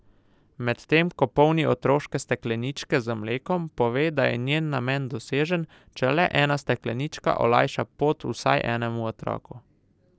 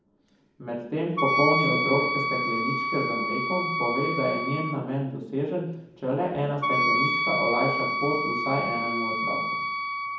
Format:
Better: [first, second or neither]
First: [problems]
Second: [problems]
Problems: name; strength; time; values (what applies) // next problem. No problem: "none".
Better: first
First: none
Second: background sound (Wind instrument, woodwind instrument); as loud as the speech // room echo; dies away in 1.2 s